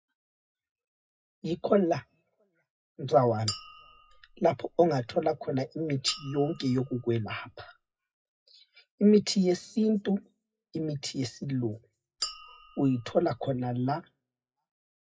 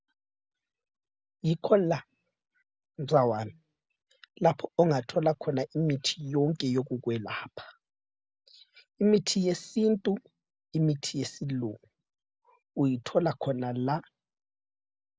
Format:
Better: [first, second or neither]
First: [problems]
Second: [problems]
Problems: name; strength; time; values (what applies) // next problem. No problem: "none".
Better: second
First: noise reduction (classical method WPE with log-MMSE)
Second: none